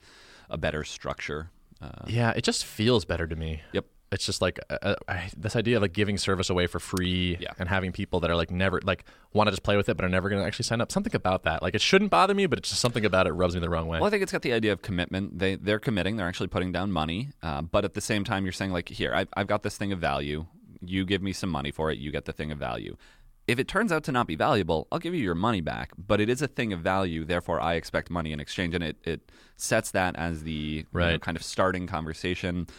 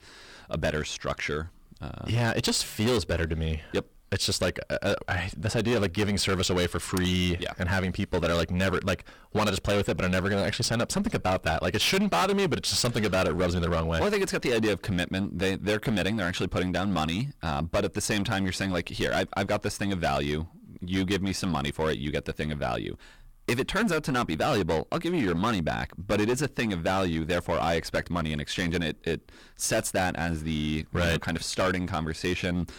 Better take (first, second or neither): first